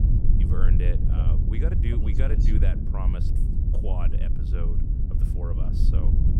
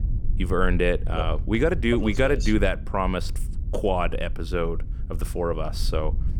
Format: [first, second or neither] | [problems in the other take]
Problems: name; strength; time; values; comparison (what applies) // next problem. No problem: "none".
second | low rumble; loud; throughout; as loud as the speech; faint in the second